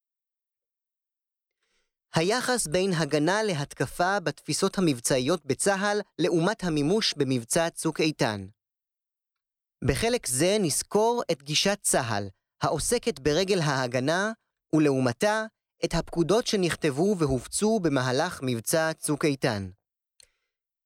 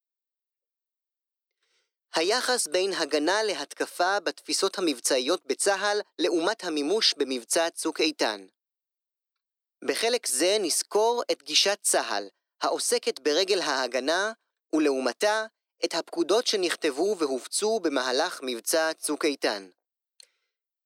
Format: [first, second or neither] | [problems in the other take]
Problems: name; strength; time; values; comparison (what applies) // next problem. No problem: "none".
first | thin; somewhat; fading below 300 Hz